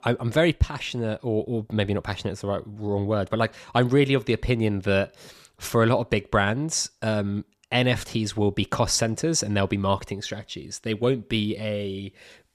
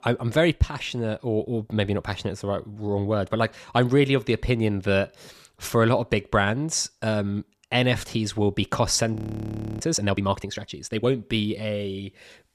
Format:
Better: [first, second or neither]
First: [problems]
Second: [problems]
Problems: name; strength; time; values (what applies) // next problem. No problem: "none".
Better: first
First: none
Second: audio freezing; at 9 s for 0.5 s